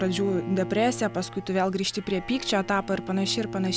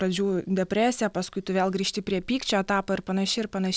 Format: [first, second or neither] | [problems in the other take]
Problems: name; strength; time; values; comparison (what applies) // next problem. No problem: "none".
second | background sound (Bowed string instrument); 11 dB below the speech